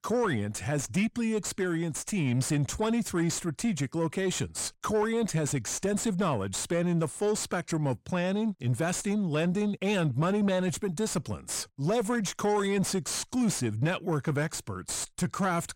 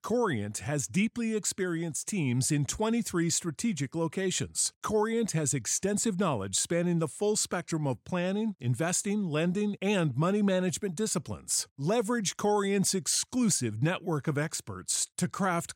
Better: second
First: distortion; slight; 10 dB below the speech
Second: none

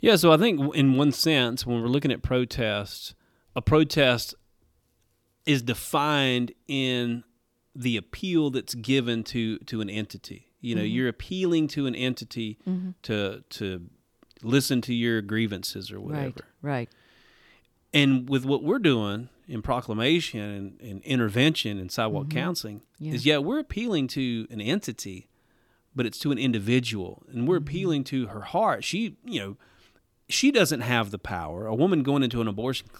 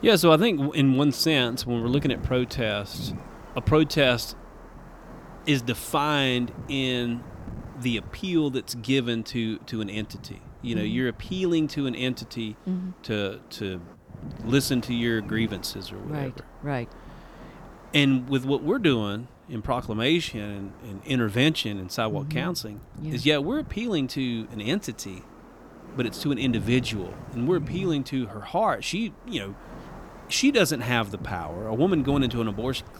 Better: first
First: none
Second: wind noise on the microphone; occasional gusts; 20 dB below the speech

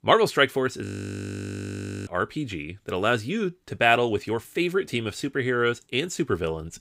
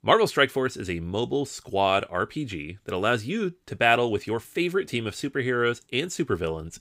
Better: second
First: audio freezing; at 1 s for 1 s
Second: none

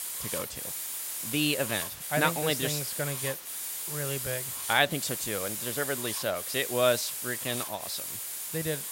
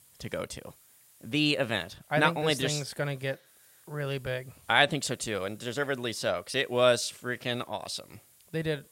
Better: second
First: hiss; loud; throughout; 2 dB below the speech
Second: hiss; faint; throughout; 30 dB below the speech

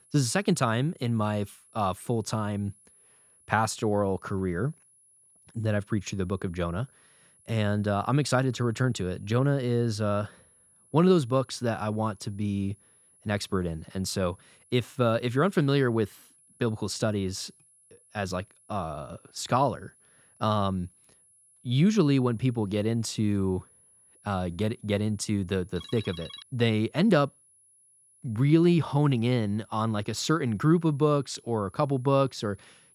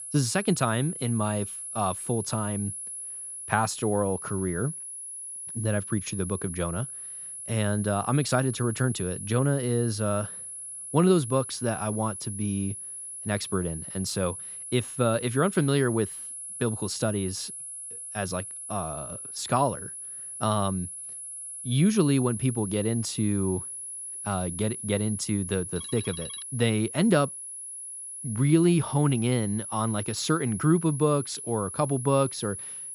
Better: first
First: high-pitched whine; faint; throughout; 10.5 kHz, 30 dB below the speech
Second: high-pitched whine; loud; throughout; 10.5 kHz, 8 dB below the speech

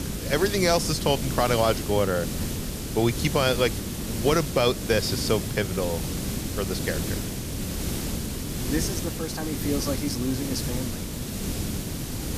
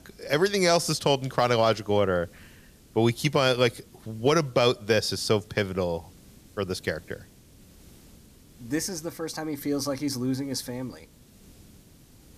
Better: second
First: hiss; loud; throughout; 4 dB below the speech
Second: hiss; faint; throughout; 25 dB below the speech

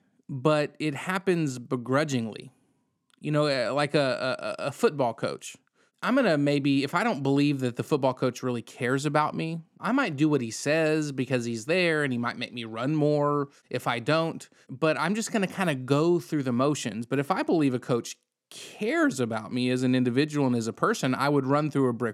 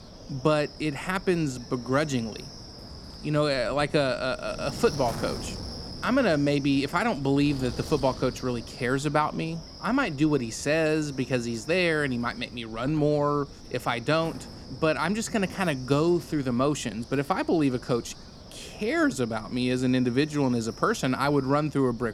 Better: first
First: none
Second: wind noise on the microphone; occasional gusts; 15 dB below the speech

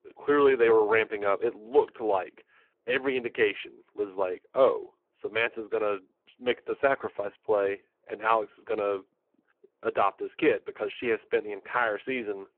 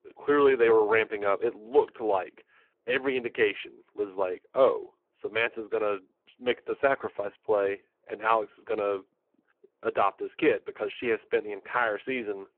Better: neither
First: phone-call audio; poor line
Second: phone-call audio; poor line

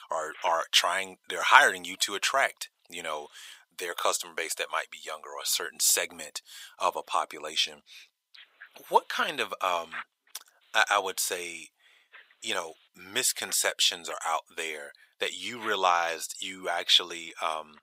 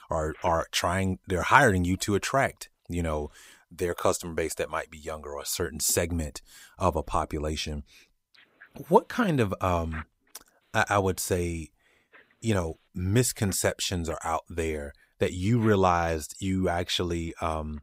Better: second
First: thin; very; fading below 800 Hz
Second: none

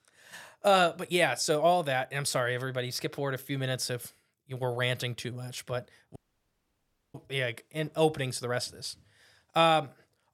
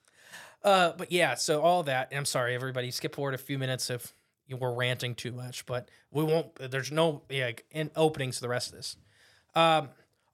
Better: second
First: audio cutting out; at 6 s for 1 s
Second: none

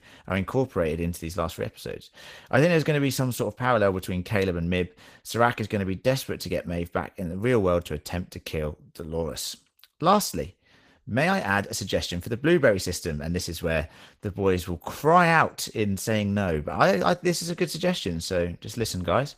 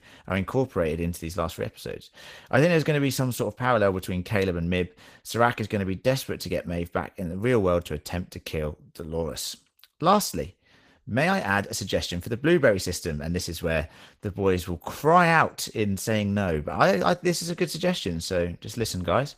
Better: neither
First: garbled, watery; slightly; nothing above 15 kHz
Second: garbled, watery; slightly; nothing above 15 kHz

